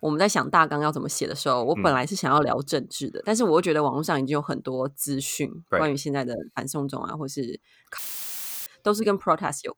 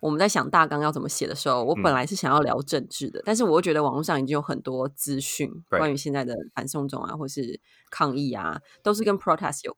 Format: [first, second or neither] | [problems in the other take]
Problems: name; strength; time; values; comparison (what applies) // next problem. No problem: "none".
second | audio cutting out; filled with static; at 8 s for 0.5 s